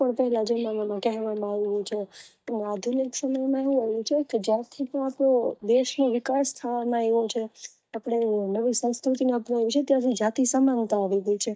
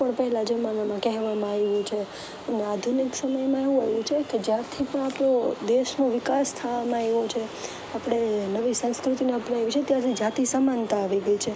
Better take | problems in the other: second | noise reduction (neural mask model DeepFilterNet 3)

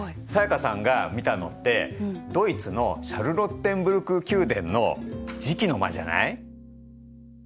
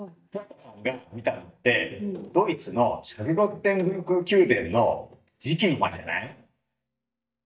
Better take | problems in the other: first | noise reduction (neural mask model DeepFilterNet 3)

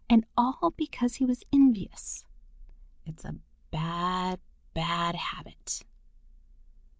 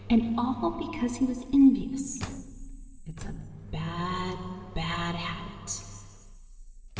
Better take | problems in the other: first | background sound (Engine); 15 dB below the speech // room echo; dies away in 2.9 s

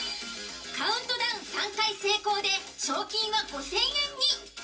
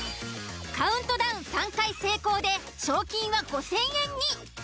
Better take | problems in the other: second | room echo; dies away in 0.3 s

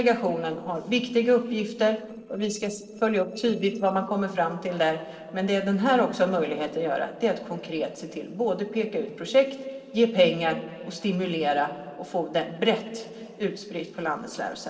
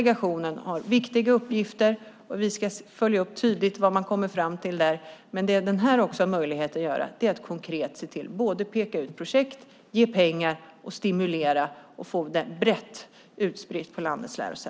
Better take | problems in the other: second | noise reduction (neural separator model SepFormer DNS4)

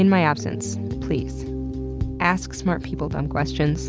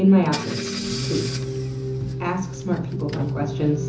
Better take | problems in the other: first | background sound (Engine / Car); 13 dB below the speech // room echo; dies away in 0.7 s

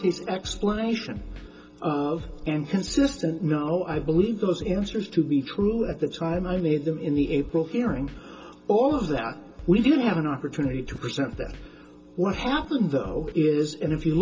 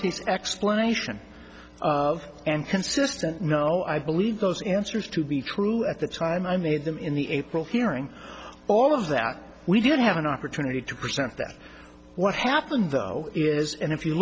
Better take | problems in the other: second | background sound (Scratching (performance technique)); 16 dB below the speech // room echo; dies away in 0.2 s

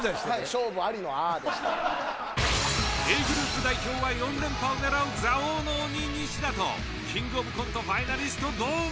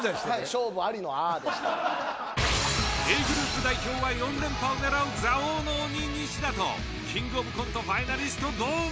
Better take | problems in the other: second | background sound (Bird); 18 dB below the speech

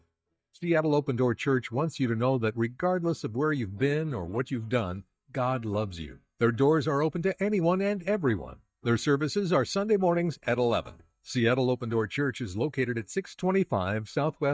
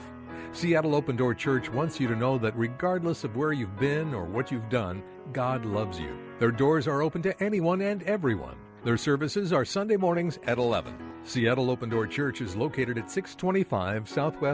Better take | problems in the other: second | noise reduction (neural mask model DeepFilterNet 3)

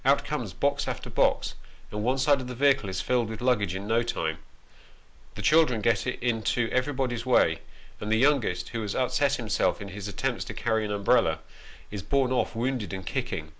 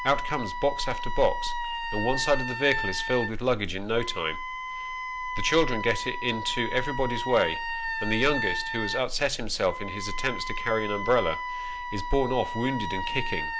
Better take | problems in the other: first | background sound (Wind instrument, woodwind instrument); 6 dB below the speech

